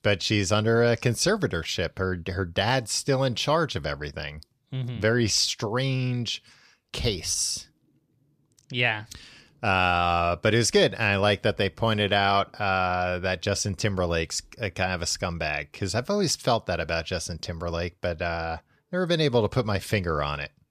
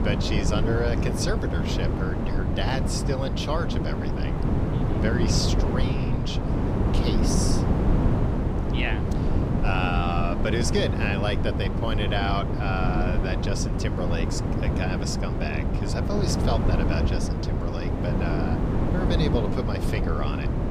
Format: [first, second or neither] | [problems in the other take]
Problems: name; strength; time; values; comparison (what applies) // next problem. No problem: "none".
first | wind noise on the microphone; heavy; 1 dB below the speech